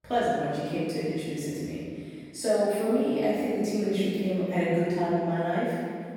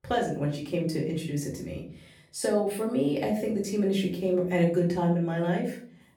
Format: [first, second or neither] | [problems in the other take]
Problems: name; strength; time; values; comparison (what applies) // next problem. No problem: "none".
second | room echo; strong; dies away in 2 s; slight in the second // off-mic speech; far; far in the second